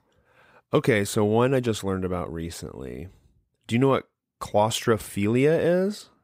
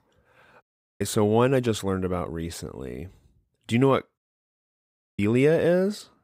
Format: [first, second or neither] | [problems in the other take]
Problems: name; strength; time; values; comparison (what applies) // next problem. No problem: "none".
first | audio cutting out; at 0.5 s and at 4 s for 1 s